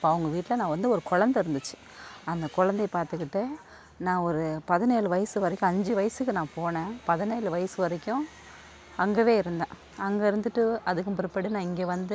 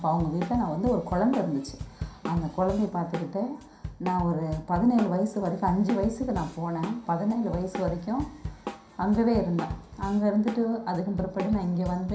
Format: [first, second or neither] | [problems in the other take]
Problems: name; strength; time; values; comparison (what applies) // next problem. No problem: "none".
first | background sound (Drum kit); 11 dB below the speech // room echo; dies away in 0.5 s